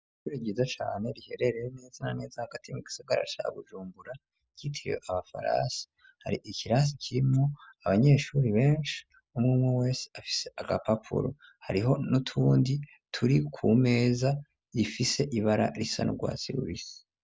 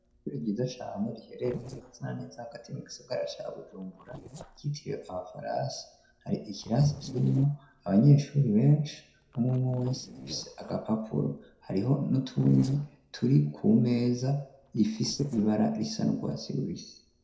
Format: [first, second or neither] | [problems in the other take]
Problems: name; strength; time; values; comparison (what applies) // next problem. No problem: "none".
first | noise reduction (neural separator model SepFormer DNS4)